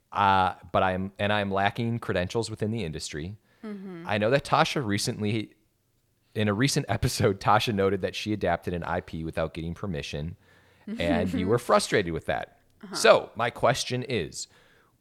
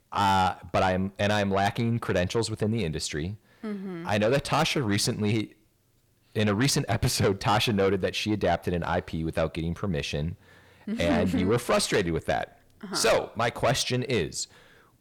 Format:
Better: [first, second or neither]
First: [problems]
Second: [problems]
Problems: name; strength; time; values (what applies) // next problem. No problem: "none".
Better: first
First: none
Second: distortion; heavy; 7 dB below the speech